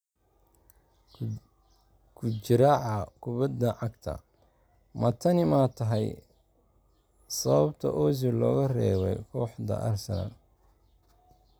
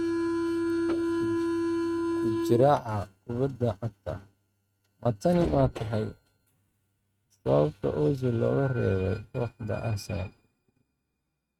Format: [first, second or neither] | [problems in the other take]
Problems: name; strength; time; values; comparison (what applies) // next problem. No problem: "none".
first | noise reduction (neural mask model RNNoise)